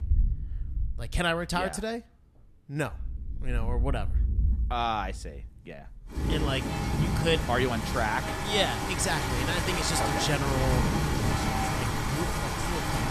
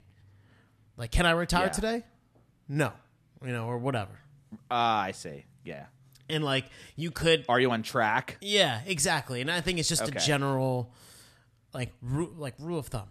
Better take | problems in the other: second | rain or running water; very loud; throughout; 1 dB above the speech

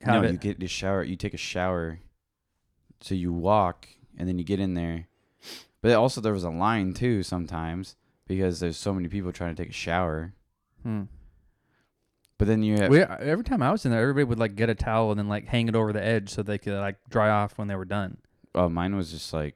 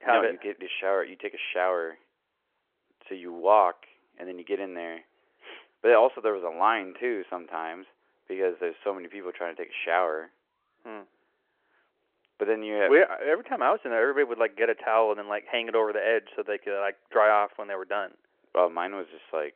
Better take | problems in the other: first | phone-call audio

